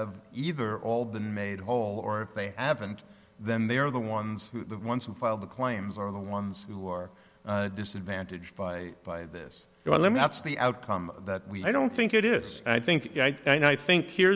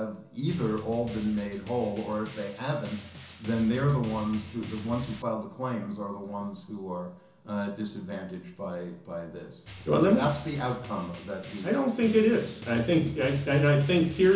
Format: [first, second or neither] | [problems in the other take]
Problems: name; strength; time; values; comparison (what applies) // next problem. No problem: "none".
first | background sound (Drum); 18 dB below the speech // room echo; dies away in 0.7 s